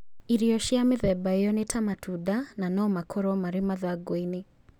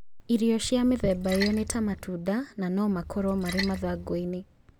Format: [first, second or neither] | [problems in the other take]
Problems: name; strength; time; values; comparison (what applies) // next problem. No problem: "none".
first | background sound (Splash, splatter); 12 dB below the speech